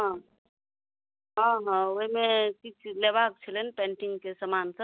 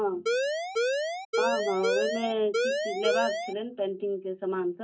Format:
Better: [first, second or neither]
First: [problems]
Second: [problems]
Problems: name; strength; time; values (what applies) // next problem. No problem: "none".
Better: first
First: none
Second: background sound (Siren); 3 dB above the speech // room echo; dies away in 0.3 s